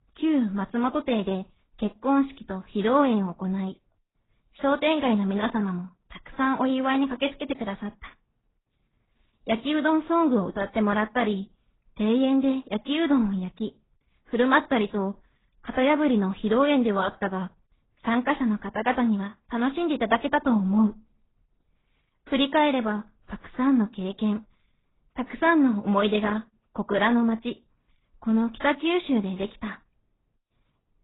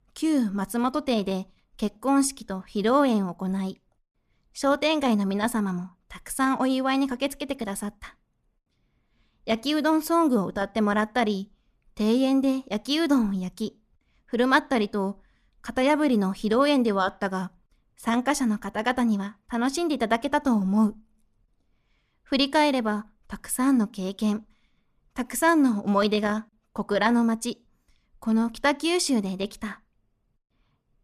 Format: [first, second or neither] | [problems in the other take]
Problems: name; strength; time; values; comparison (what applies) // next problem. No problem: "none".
second | garbled, watery; badly; nothing above 4 kHz